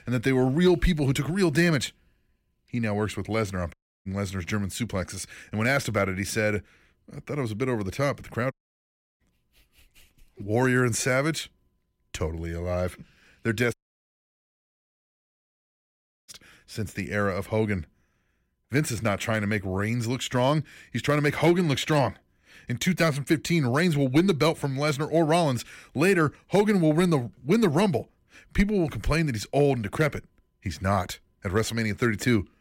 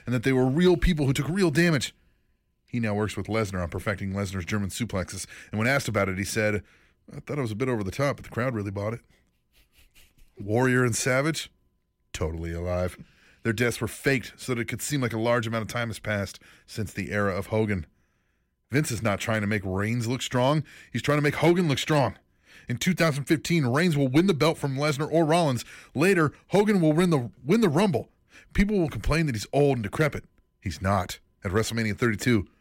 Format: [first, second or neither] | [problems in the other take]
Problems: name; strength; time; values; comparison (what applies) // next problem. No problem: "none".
second | audio cutting out; at 3.5 s, at 8.5 s for 0.5 s and at 14 s for 2.5 s